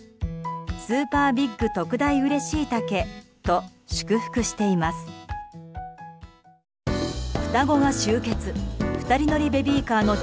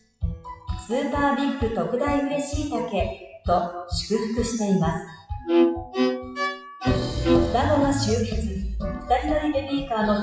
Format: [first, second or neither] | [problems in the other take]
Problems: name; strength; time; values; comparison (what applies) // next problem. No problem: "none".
first | noise reduction (classical method WPE with log-MMSE)